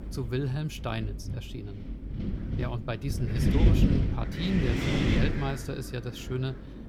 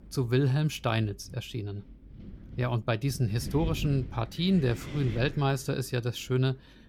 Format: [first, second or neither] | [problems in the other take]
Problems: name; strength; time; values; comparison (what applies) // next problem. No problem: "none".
second | wind noise on the microphone; heavy; 3 dB above the speech; occasional gusts in the second